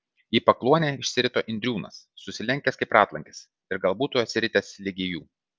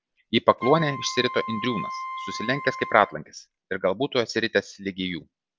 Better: first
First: none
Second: background sound (Wind instrument, woodwind instrument); 9 dB below the speech

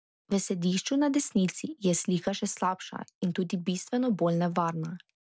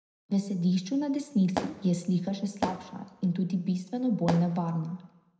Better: first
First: none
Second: background sound (Fireworks); 9 dB below the speech // room echo; dies away in 0.7 s

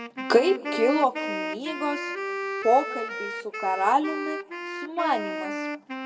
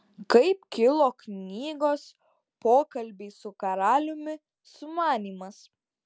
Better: second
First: background sound (Wind instrument, woodwind instrument); 6 dB below the speech // room echo; dies away in 0.9 s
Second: none

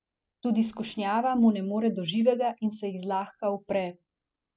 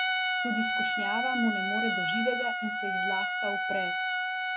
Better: first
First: none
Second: background sound (Trumpet); 5 dB above the speech

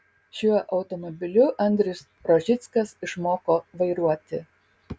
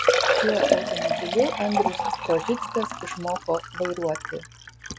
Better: first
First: none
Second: background sound (Liquid); 2 dB above the speech

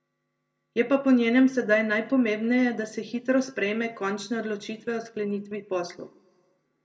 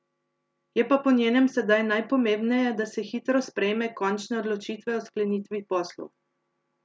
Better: second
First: room echo; dies away in 0.6 s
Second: none

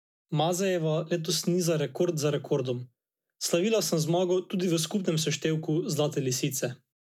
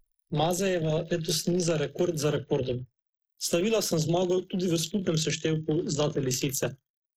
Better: first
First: none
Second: noise reduction (neural mask model Resemble Enhance denoiser)

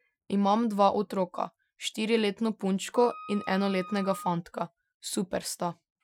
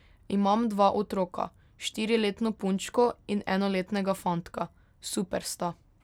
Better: second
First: noise reduction (classical method Wiener filter)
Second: none

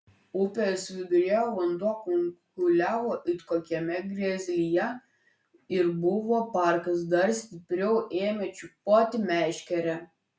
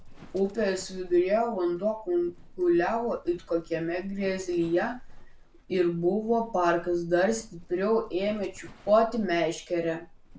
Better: first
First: none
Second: background sound (Livestock, farm animals, working animals); 19 dB below the speech

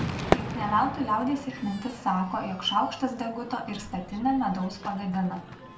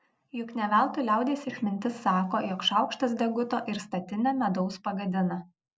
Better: second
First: background sound (Crowd / Fireworks); 6 dB below the speech // room echo; dies away in 0.3 s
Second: none

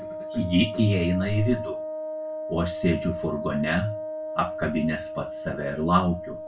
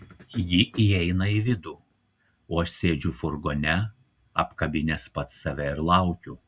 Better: second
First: background sound (Wind instrument, woodwind instrument); 7 dB below the speech // room echo; dies away in 0.2 s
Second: none

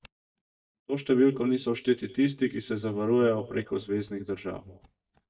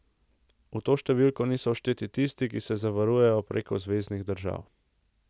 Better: second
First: noise reduction (neural mask model DeepFilterNet 3)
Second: none

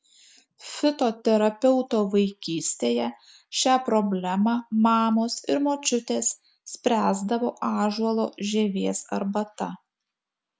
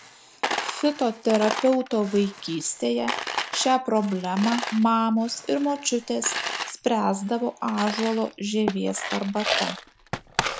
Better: first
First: none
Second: background sound (Coin (dropping)); 7 dB below the speech

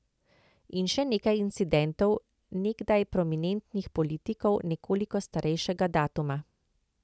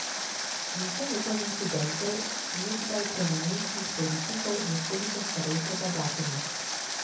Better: first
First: none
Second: background sound (Water); as loud as the speech // room echo; dies away in 0.6 s

